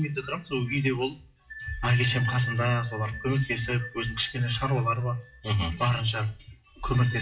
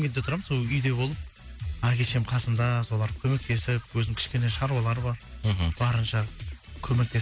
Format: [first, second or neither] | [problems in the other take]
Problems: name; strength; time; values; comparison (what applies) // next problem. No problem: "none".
second | noise reduction (classical method WPE with log-MMSE)